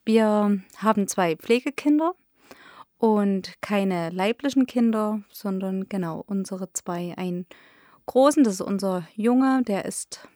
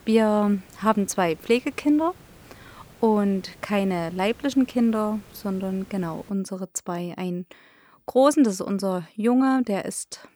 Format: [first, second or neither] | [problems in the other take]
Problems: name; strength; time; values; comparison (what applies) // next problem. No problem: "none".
first | hiss; faint; until 6.5 s; 25 dB below the speech